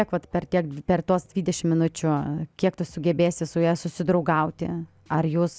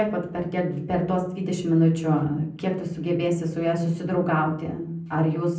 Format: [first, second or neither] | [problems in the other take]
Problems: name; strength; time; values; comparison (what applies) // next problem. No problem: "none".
first | room echo; dies away in 0.6 s